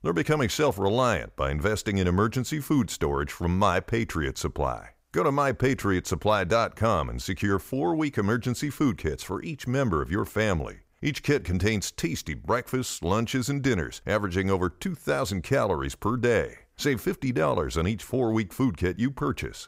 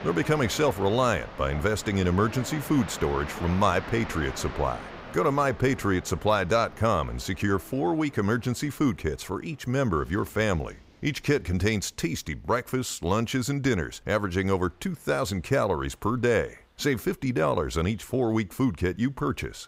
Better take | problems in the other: first | train or aircraft noise; noticeable; throughout; 15 dB below the speech

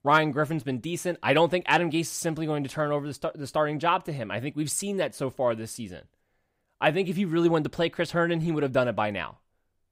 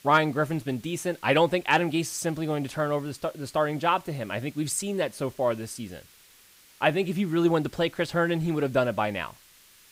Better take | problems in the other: first | hiss; faint; throughout; 25 dB below the speech

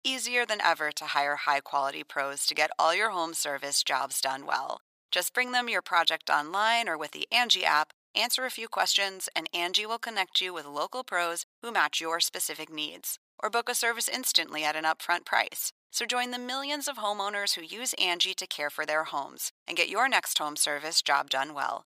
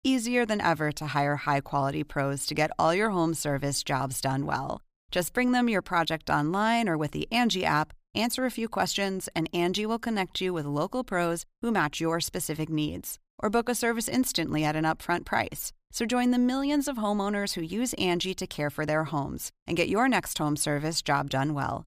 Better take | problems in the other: second | thin; very; fading below 750 Hz

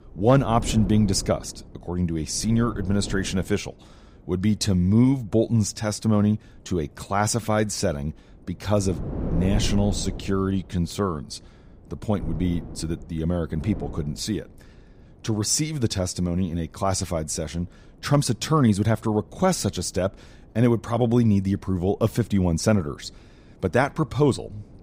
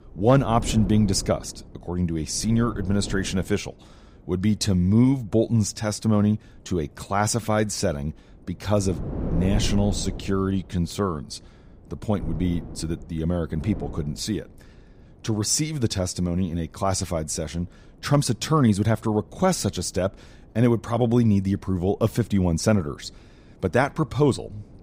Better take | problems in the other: neither | wind noise on the microphone; occasional gusts; 15 dB below the speech; the same in both

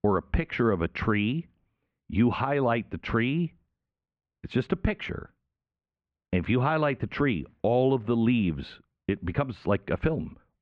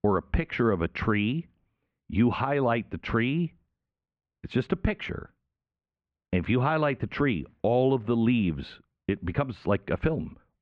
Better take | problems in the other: neither | muffled; very; fading above 2.5 kHz; the same in both

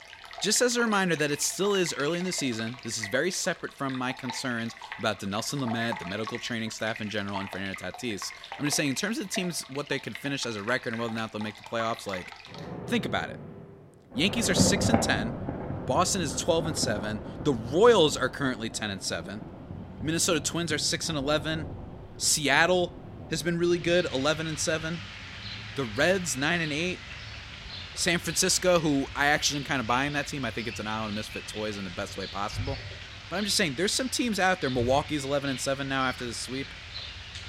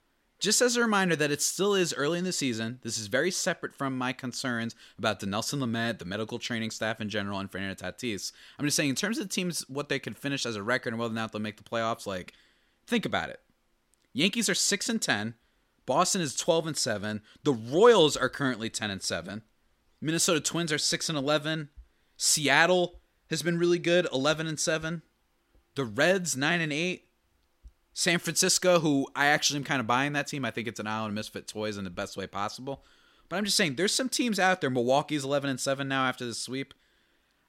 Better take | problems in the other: second | rain or running water; noticeable; throughout; 10 dB below the speech

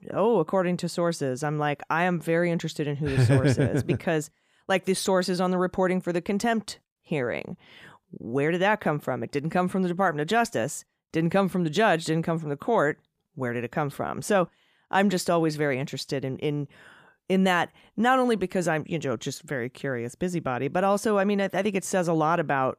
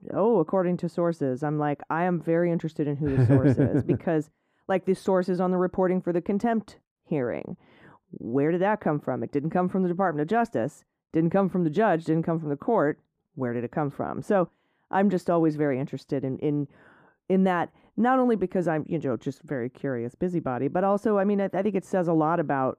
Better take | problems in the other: first | muffled; very; fading above 2 kHz

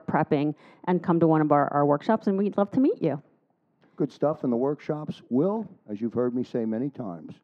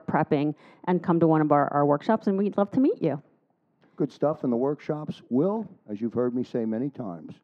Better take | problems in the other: neither | muffled; very; fading above 4 kHz; the same in both

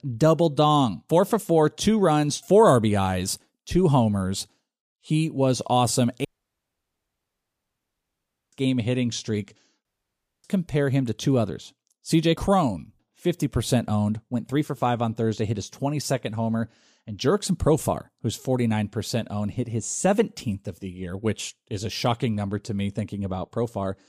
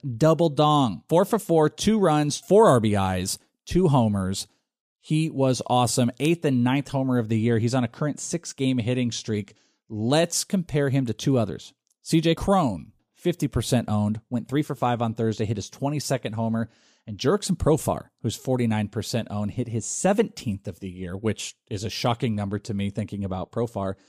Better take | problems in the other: second | audio cutting out; at 6.5 s for 2.5 s and at 10 s for 0.5 s

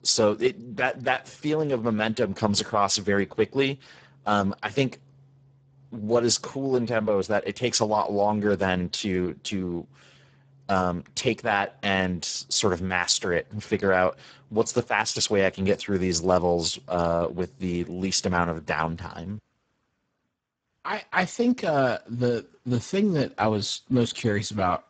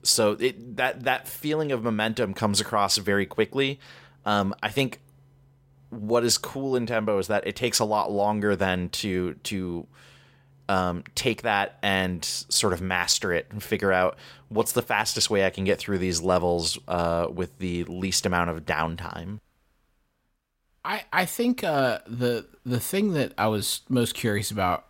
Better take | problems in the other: second | garbled, watery; badly; nothing above 7.5 kHz

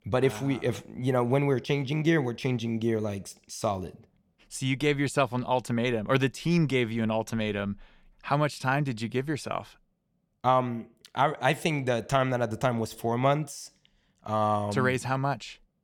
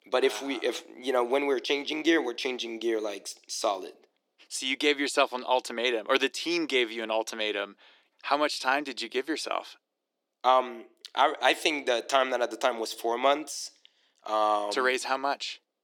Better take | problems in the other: first | thin; somewhat; fading below 300 Hz

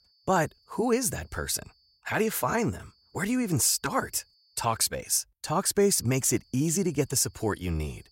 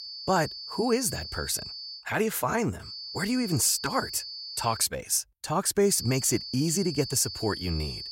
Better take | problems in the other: first | high-pitched whine; loud; until 2 s, from 3 to 5 s and from 6 s on; 4.5 kHz, 9 dB below the speech; faint in the first

